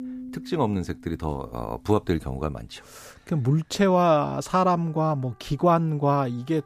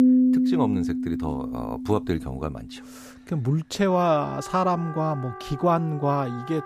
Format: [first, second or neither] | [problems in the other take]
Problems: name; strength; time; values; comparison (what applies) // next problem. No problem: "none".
first | background music; loud; throughout; 2 dB below the speech; faint in the first